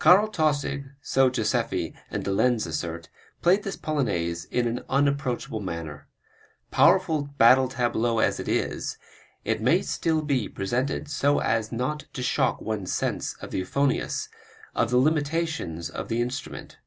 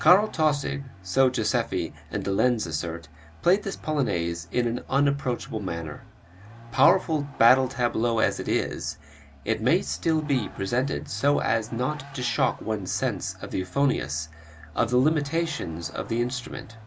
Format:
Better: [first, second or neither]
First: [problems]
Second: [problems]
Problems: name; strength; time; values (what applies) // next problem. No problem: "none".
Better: first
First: none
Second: background sound (Vehicle); 20 dB below the speech